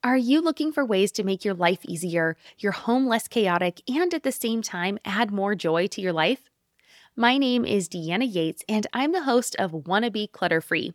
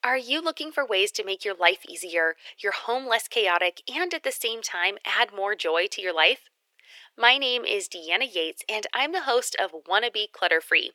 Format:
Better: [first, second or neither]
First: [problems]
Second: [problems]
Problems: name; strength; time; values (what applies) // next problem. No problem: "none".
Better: first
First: none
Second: thin; very; fading below 400 Hz